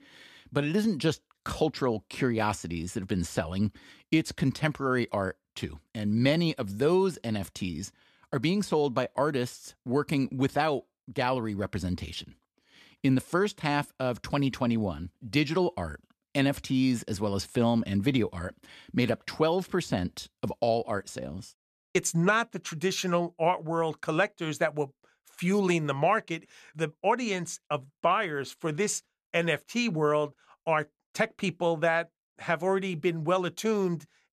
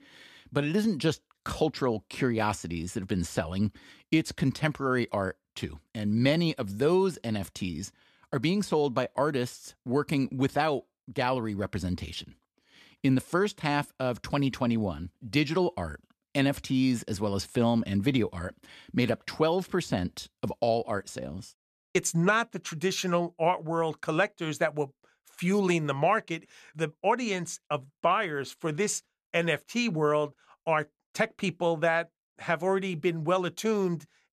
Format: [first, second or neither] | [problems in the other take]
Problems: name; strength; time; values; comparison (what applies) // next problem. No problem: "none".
neither | none